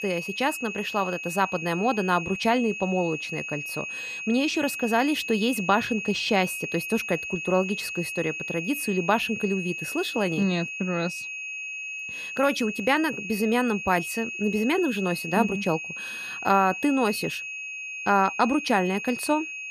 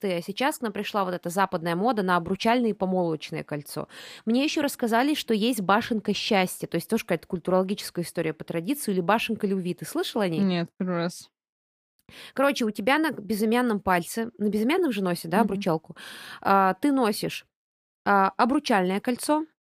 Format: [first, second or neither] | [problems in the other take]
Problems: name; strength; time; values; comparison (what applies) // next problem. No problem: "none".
second | high-pitched whine; loud; throughout; 2.5 kHz, 6 dB below the speech